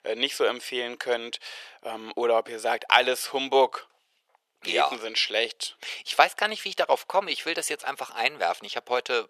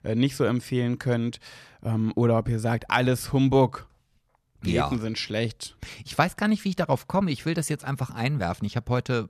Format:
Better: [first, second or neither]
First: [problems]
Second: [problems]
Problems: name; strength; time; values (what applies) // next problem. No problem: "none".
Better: second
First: thin; very; fading below 450 Hz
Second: none